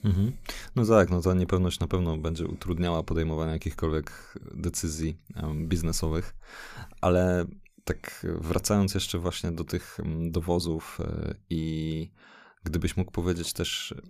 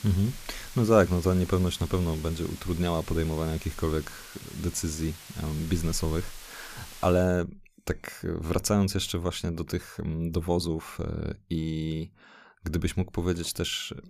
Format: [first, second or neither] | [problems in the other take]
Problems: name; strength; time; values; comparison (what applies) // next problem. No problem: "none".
first | hiss; noticeable; until 7 s; 15 dB below the speech